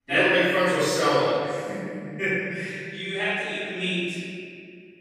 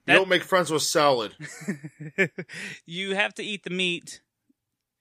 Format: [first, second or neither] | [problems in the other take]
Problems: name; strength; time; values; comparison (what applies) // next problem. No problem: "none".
second | off-mic speech; far // room echo; strong; dies away in 2.2 s